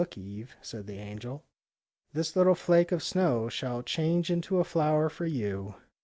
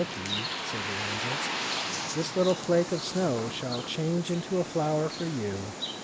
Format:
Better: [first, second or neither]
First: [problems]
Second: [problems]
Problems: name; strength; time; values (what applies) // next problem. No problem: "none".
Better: first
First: none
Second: background sound (Bird); 4 dB below the speech